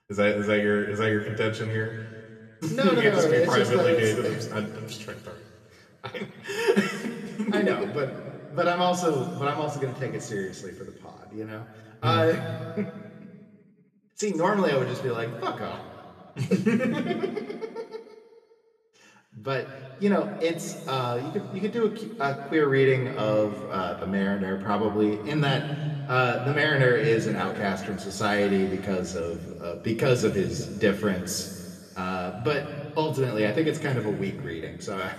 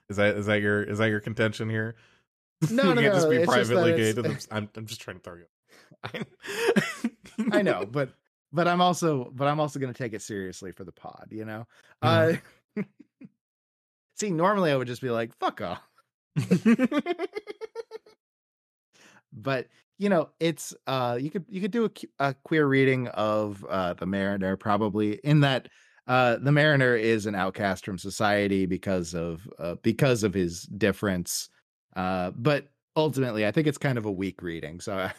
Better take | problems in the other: second | room echo; noticeable; dies away in 2 s // off-mic speech; somewhat distant

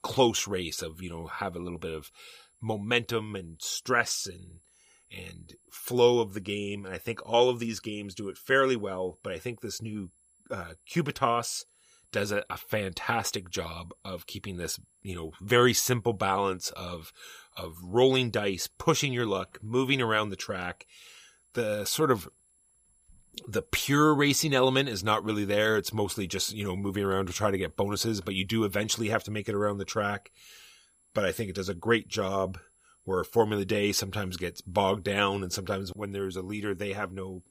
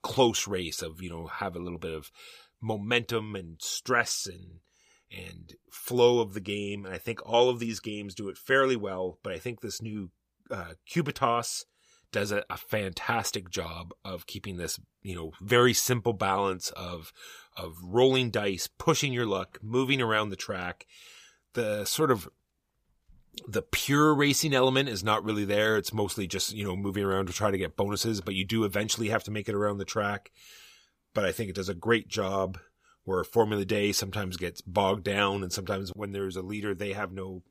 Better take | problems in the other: second | high-pitched whine; faint; throughout; 10.5 kHz, 35 dB below the speech

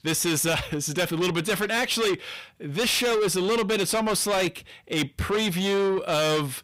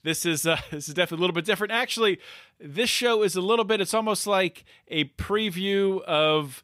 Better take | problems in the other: second | distortion; heavy; 7 dB below the speech

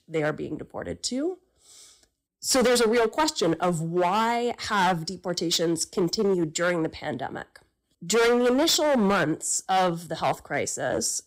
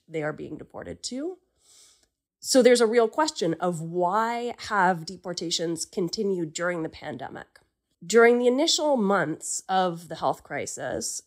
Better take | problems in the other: second | distortion; heavy; 11% of the sound clipped

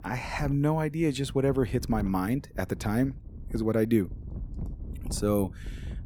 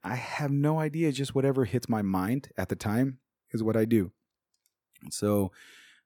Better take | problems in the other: second | wind noise on the microphone; occasional gusts; 20 dB below the speech

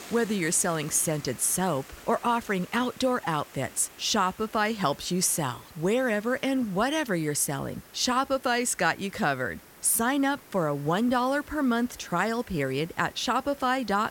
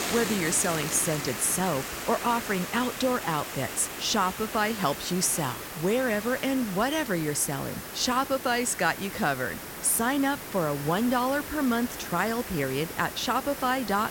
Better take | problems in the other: first | hiss; loud; throughout; 8 dB below the speech; faint in the first

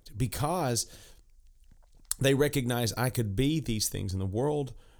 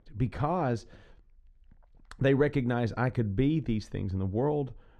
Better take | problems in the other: first | muffled; very; fading above 1.5 kHz

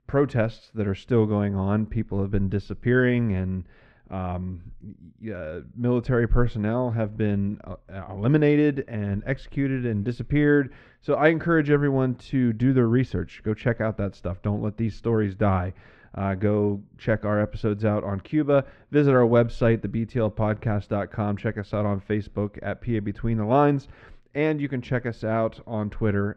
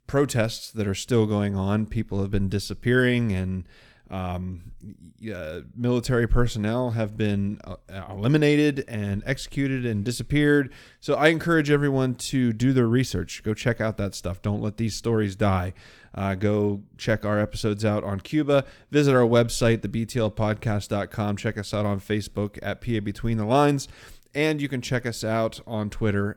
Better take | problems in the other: second | muffled; very; fading above 2 kHz

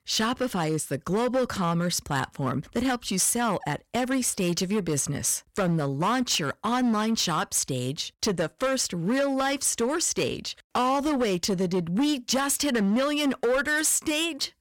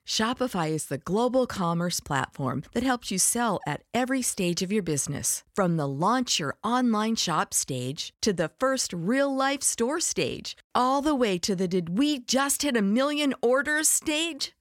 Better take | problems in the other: second | distortion; slight; 12% of the sound clipped

